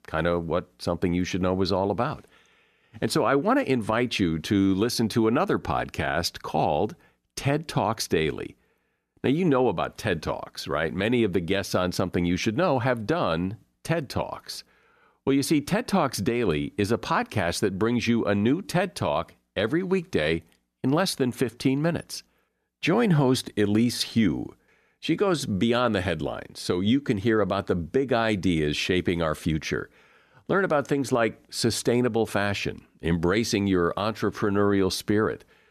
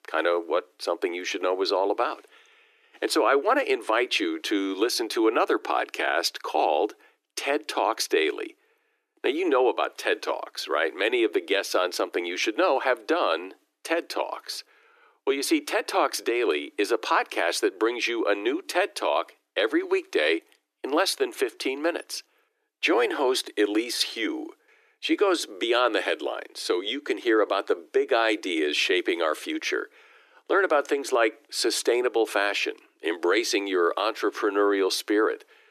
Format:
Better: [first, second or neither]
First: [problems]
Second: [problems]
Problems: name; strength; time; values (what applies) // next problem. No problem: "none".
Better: first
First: none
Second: thin; very; fading below 300 Hz